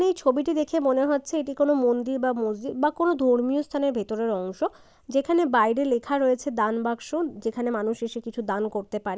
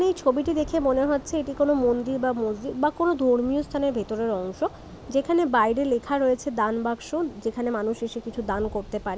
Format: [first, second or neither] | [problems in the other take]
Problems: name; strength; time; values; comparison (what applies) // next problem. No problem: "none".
first | background sound (Thunder / Rain); 18 dB below the speech